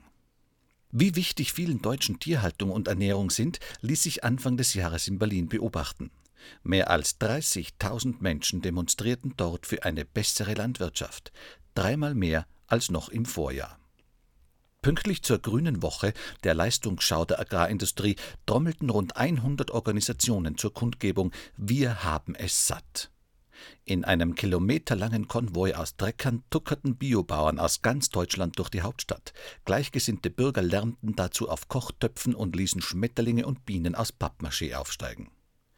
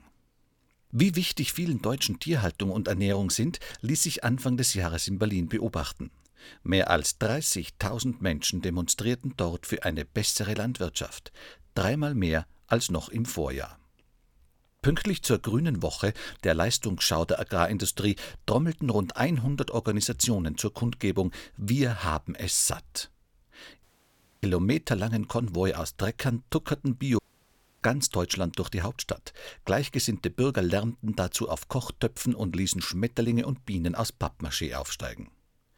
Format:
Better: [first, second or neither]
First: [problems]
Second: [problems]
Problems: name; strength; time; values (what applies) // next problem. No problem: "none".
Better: first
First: none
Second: audio cutting out; at 24 s for 0.5 s and at 27 s for 0.5 s